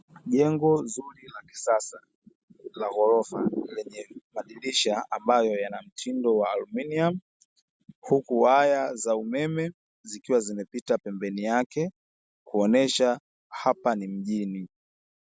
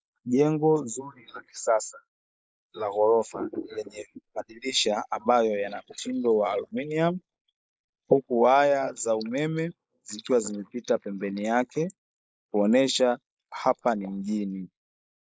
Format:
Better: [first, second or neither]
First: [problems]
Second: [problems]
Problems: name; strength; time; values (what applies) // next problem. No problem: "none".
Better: first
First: none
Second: noise reduction (neural mask model Resemble Enhance denoiser)